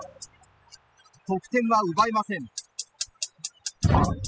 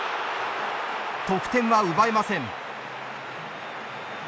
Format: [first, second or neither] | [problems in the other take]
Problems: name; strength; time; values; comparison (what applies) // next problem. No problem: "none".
second | noise reduction (classical method spectral subtraction)